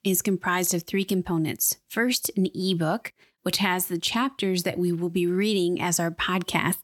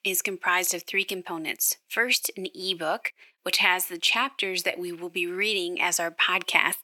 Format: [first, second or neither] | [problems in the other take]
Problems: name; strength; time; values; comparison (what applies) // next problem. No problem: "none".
first | thin; very; fading below 550 Hz